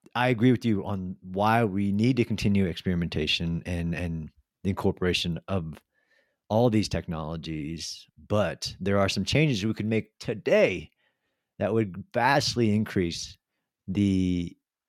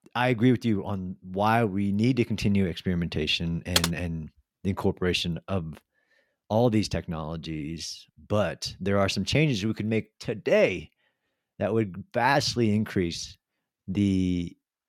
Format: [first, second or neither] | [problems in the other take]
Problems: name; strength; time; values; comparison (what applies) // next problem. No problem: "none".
first | keyboard typing; loud; at 4 s; peak 1 dB above the speech